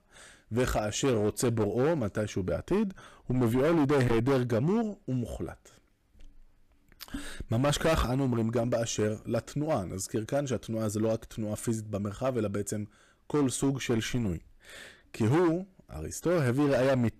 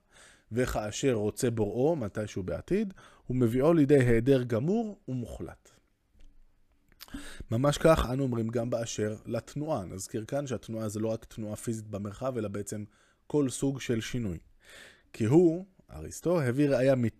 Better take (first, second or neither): second